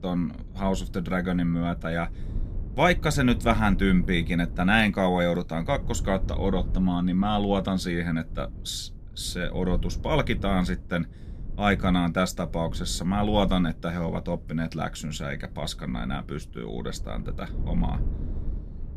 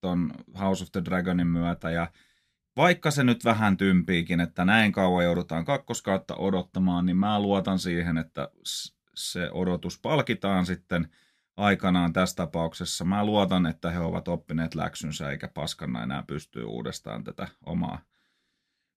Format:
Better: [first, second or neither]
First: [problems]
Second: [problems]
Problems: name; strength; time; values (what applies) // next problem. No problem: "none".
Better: second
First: low rumble; faint; throughout; 20 dB below the speech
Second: none